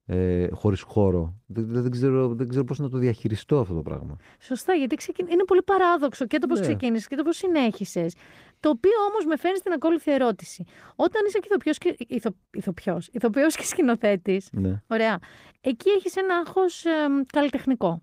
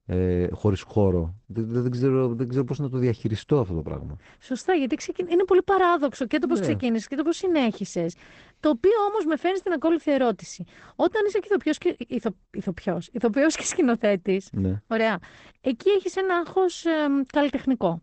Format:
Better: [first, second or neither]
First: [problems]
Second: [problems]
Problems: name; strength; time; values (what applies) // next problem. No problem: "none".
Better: first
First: garbled, watery; slightly; nothing above 15.5 kHz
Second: garbled, watery; badly; nothing above 8 kHz